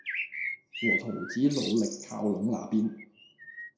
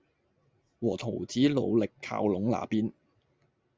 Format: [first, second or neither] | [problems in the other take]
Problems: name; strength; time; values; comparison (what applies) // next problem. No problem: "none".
second | background sound (Bird); 6 dB below the speech // room echo; dies away in 0.6 s